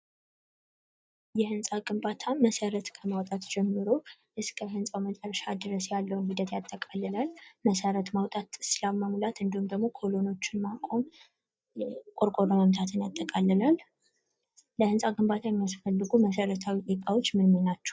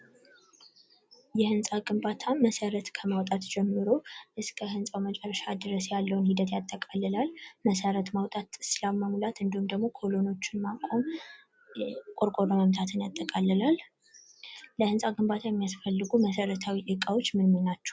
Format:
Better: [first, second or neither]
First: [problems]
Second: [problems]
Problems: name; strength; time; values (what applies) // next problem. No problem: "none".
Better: second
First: noise reduction (neural mask model DeepFilterNet 3)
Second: none